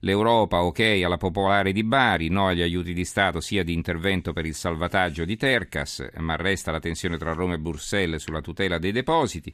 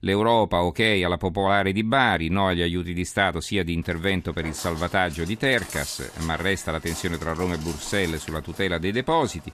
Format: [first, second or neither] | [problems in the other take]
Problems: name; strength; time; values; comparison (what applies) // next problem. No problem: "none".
first | footsteps; noticeable; from 4 s on; peak 9 dB below the speech